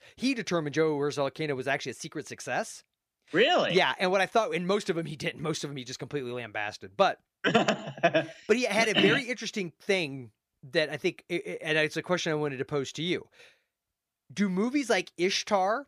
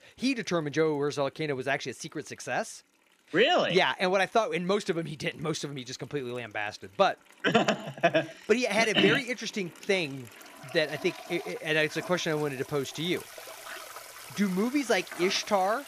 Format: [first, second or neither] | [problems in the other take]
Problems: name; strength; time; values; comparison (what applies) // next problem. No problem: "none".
first | household noises; noticeable; throughout; 15 dB below the speech